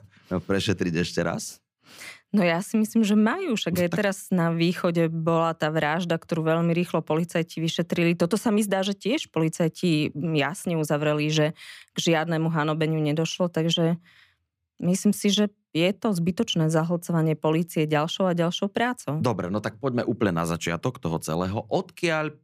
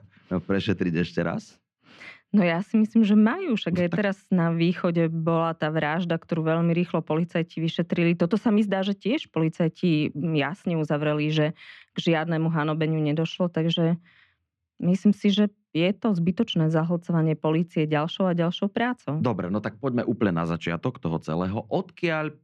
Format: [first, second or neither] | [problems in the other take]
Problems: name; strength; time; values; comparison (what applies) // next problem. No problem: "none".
first | muffled; slightly; fading above 3 kHz